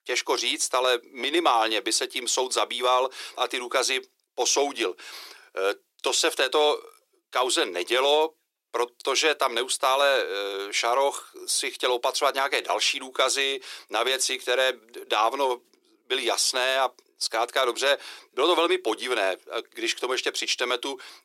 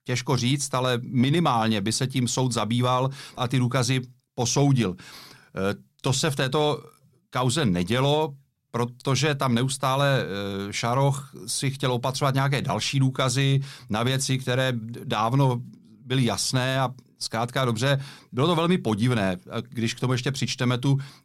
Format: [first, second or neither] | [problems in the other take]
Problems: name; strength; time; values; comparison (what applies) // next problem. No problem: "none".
second | thin; very; fading below 350 Hz